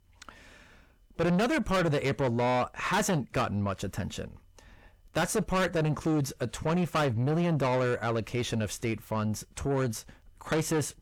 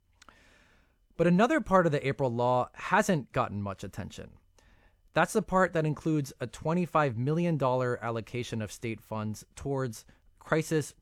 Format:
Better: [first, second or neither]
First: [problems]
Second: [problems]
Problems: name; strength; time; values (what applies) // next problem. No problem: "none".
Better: second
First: distortion; heavy; 6 dB below the speech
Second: none